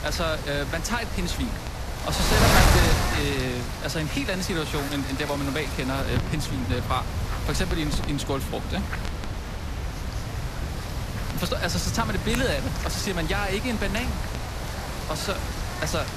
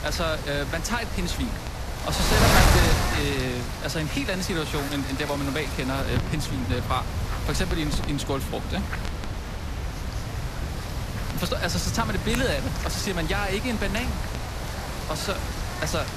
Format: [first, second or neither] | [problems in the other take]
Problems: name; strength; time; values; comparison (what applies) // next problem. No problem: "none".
neither | wind noise on the microphone; heavy; 2 dB below the speech; the same in both